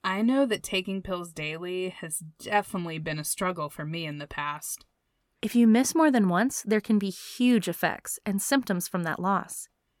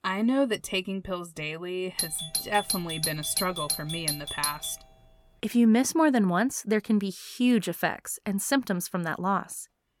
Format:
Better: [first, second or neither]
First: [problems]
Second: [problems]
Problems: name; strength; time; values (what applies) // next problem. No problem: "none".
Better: first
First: none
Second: doorbell; noticeable; from 2 to 4.5 s; peak level with the speech